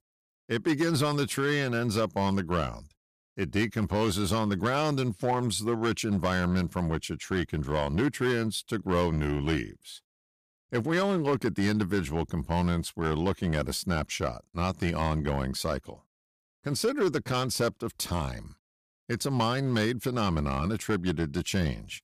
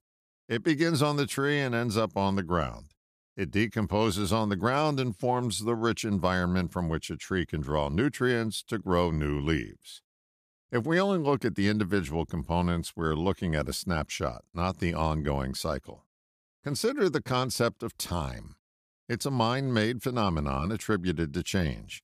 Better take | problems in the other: second | distortion; slight; 5% of the sound clipped

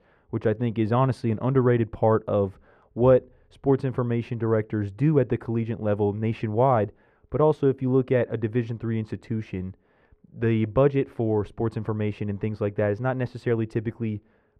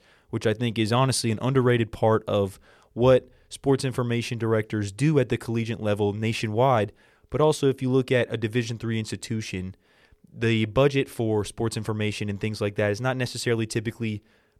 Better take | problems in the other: second | muffled; very; fading above 3 kHz

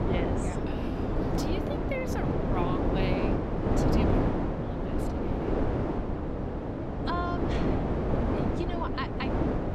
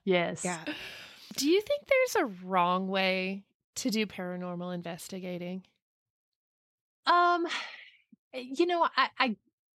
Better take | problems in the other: second | wind noise on the microphone; heavy; 4 dB above the speech

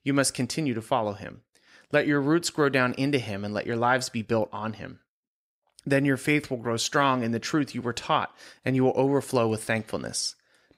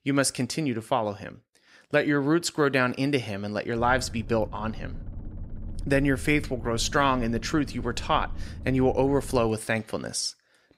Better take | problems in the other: first | low rumble; faint; from 4 to 9.5 s; 25 dB below the speech

